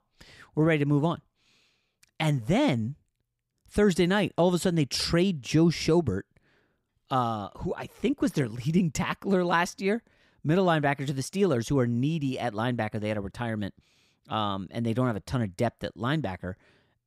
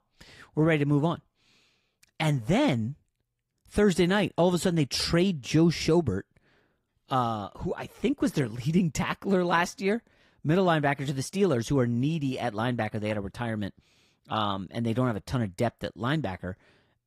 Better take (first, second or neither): first